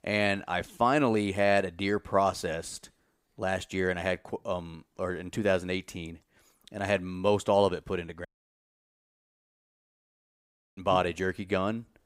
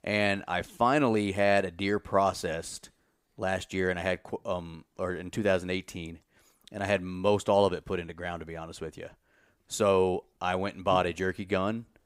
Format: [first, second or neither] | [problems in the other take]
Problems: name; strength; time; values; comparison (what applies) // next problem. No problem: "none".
second | audio cutting out; at 8.5 s for 2.5 s